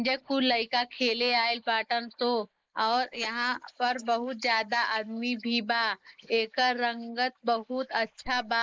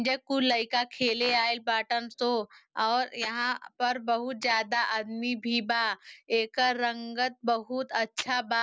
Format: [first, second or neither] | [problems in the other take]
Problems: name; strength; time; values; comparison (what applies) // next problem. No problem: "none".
second | noise reduction (neural mask model Resemble Enhance denoiser)